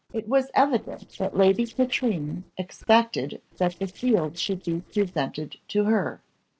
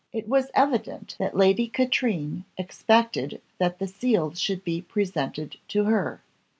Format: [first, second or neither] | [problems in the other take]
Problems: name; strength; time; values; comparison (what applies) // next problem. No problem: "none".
second | noise reduction (neural separator model SepFormer DNS4)